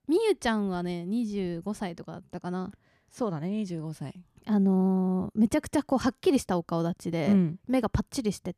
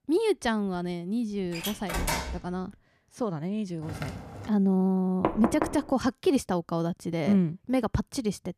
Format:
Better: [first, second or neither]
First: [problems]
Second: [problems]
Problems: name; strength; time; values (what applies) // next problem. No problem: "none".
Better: first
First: none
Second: door banging; noticeable; at 1.5 s and at 5 s; peak 1 dB below the speech // footsteps; faint; at 4 s; peak 10 dB below the speech